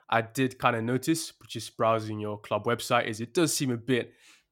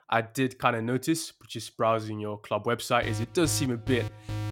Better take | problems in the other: first | alarm; noticeable; from 3 s on; peak 7 dB below the speech

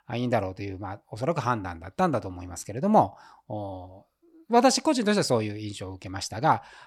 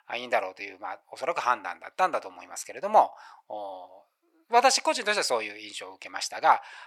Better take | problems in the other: first | thin; very; fading below 750 Hz

